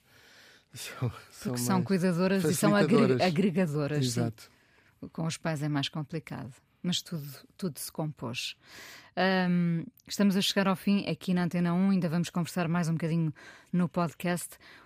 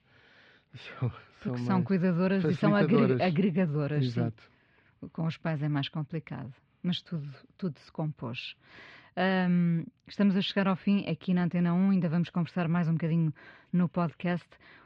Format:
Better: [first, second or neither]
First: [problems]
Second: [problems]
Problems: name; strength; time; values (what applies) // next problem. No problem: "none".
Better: first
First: none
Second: muffled; slightly; fading above 3.5 kHz